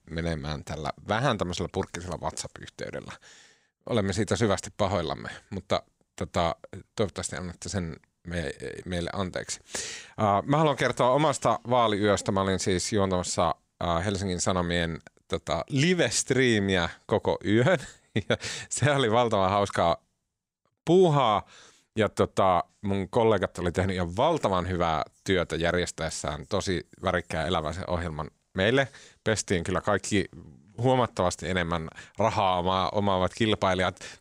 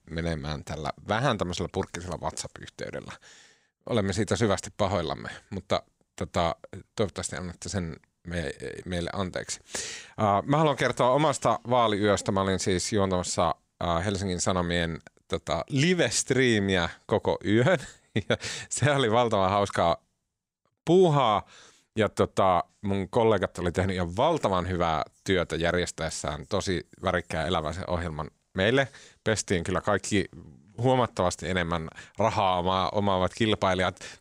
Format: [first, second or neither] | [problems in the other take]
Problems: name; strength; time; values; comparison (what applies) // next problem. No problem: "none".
neither | none